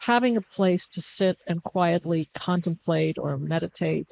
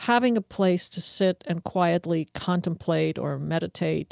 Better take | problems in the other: second | noise reduction (neural mask model Resemble Enhance denoiser)

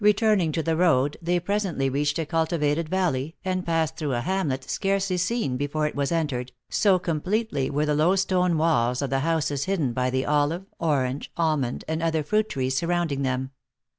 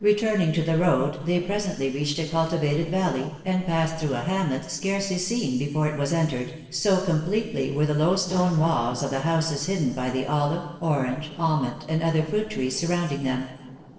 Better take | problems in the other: first | noise reduction (neural separator model SepFormer DNS4)

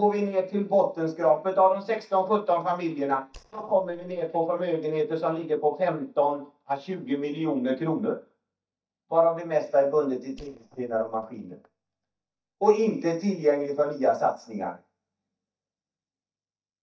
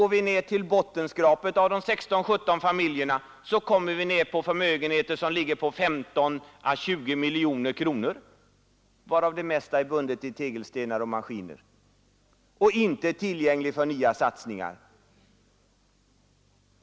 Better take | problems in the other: second | noise reduction (neural mask model DeepFilterNet 3)

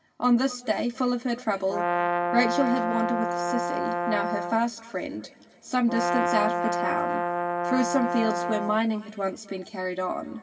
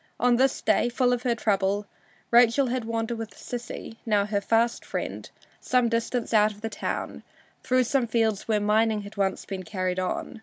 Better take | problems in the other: second | background sound (Brass instrument); as loud as the speech // room echo; dies away in 2.5 s

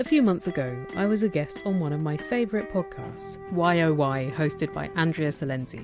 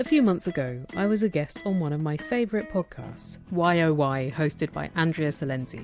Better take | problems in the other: second | background sound (Wind instrument, woodwind instrument); 16 dB below the speech

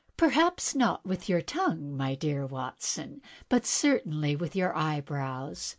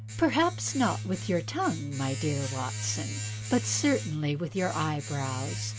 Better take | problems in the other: first | background sound (Domestic sounds, home sounds); 6 dB below the speech

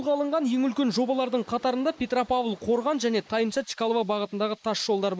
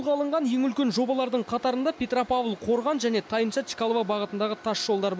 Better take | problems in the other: second | noise reduction (neural mask model Resemble Enhance denoiser)

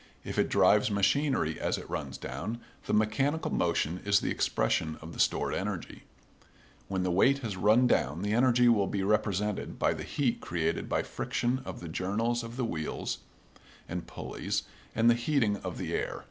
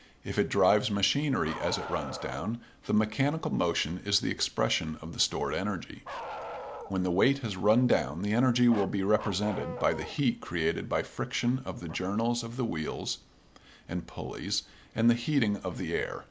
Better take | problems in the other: first | background sound (Bark); 17 dB below the speech

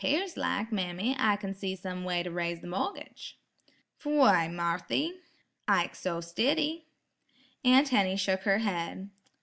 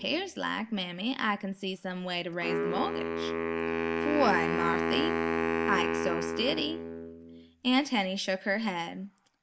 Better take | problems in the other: first | background sound (Wind instrument, woodwind instrument); 1 dB below the speech

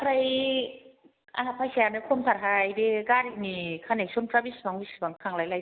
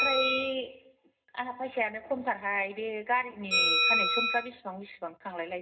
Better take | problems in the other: first | background sound (Bell); 1 dB above the speech // room echo; dies away in 0.2 s

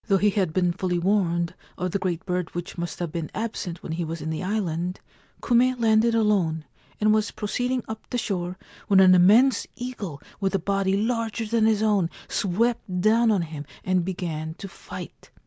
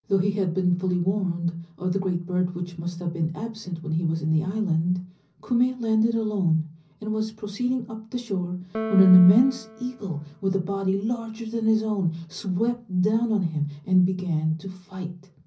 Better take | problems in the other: first | background sound (Piano); 13 dB below the speech // room echo; dies away in 0.5 s

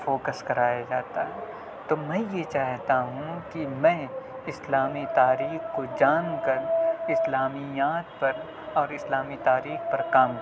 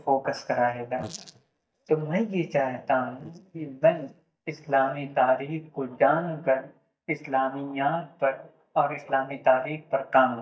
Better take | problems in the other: first | noise reduction (neural mask model DeepFilterNet 3)

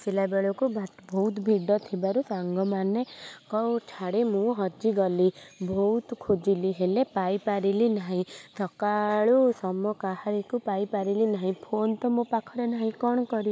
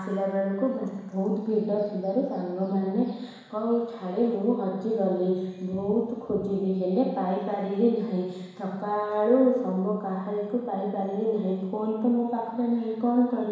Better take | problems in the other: first | room echo; dies away in 1.1 s

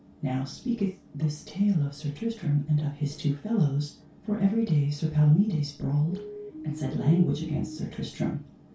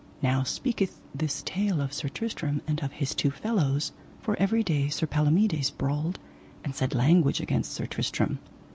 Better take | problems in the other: second | background sound (Siren); 12 dB below the speech // room echo; dies away in 0.2 s

